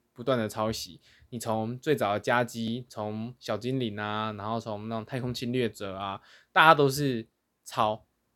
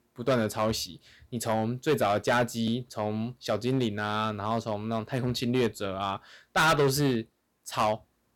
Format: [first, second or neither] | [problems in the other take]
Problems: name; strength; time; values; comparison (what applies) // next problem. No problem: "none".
first | distortion; heavy; 5% of the sound clipped